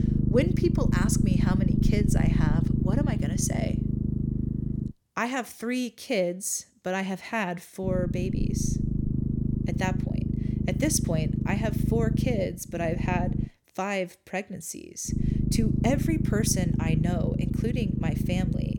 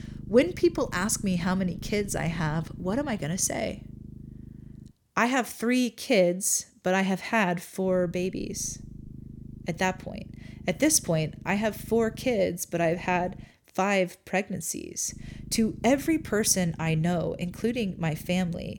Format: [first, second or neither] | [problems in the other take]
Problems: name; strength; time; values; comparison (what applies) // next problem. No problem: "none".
second | low rumble; loud; until 5 s, from 8 to 13 s and from 15 s on; 4 dB below the speech; faint in the second